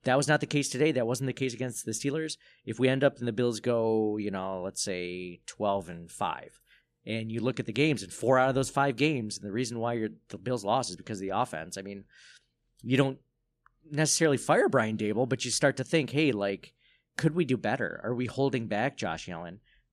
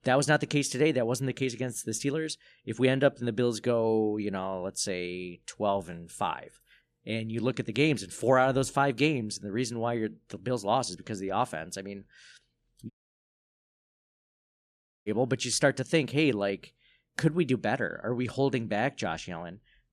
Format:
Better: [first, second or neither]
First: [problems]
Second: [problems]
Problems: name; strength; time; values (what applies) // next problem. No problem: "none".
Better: first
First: none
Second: audio cutting out; at 13 s for 2 s